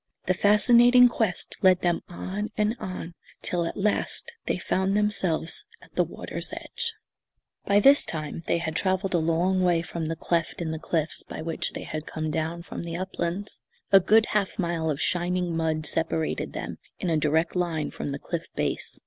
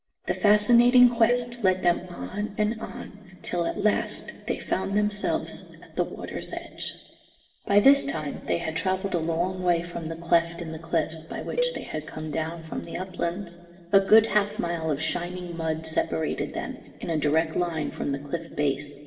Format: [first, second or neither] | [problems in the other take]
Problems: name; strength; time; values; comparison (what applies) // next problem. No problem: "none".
first | background sound (Cowbell); 9 dB below the speech // room echo; dies away in 1.7 s